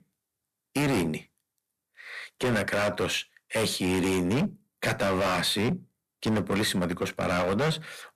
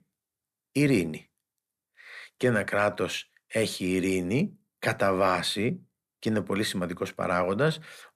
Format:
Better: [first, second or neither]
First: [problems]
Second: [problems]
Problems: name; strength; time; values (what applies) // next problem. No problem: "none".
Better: second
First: distortion; heavy; 16% of the sound clipped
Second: none